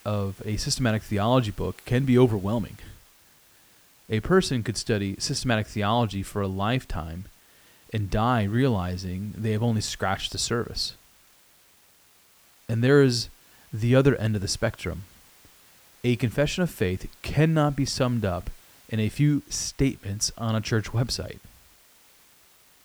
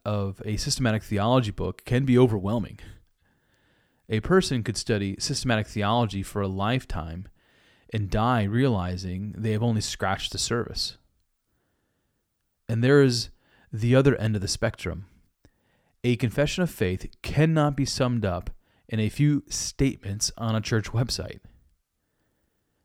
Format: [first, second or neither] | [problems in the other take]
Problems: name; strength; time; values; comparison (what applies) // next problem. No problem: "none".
second | hiss; faint; throughout; 25 dB below the speech